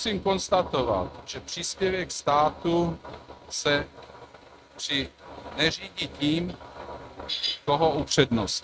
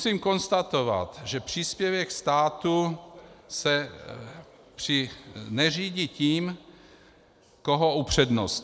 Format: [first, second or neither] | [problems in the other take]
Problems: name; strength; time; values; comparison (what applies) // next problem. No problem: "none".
second | noise reduction (neural mask model RNNoise)